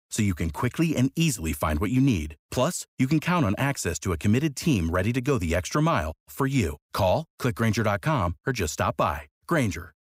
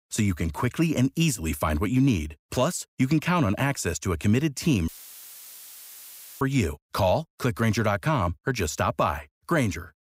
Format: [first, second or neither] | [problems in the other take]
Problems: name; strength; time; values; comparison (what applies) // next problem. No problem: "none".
first | audio cutting out; filled with static; at 5 s for 1.5 s